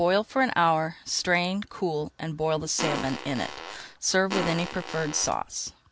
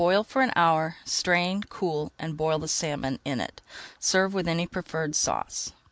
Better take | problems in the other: second | background sound (Fart); 7 dB below the speech

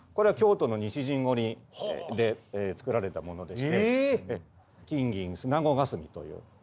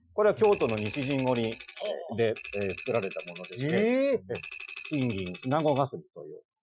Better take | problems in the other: first | noise reduction (classical method Wiener filter)

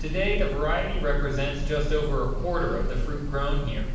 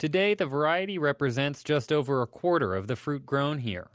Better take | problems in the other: second | background sound (Bird / Breathing); 2 dB above the speech // room echo; dies away in 0.7 s

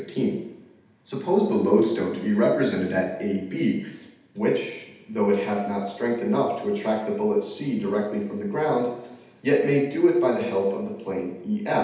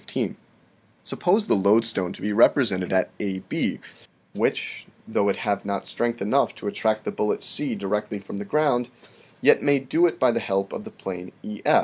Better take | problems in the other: second | room echo; dies away in 0.8 s

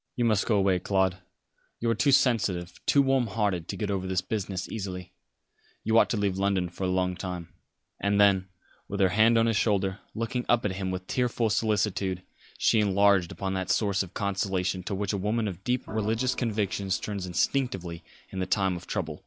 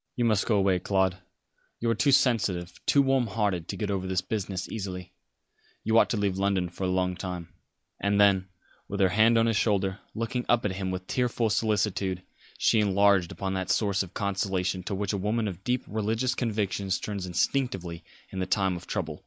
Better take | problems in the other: second | background sound (Organ); 19 dB below the speech

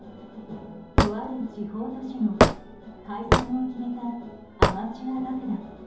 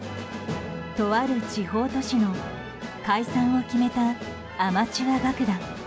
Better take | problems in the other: second | background sound (Hammer / Wood); 4 dB above the speech // room echo; dies away in 2.8 s

